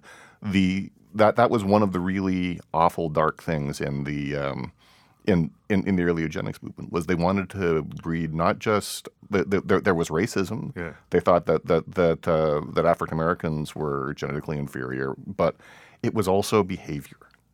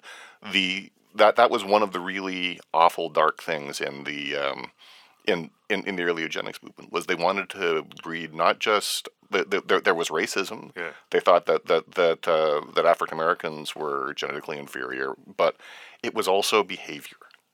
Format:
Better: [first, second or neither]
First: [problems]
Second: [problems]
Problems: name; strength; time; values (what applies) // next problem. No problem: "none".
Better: first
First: none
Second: thin; somewhat; fading below 450 Hz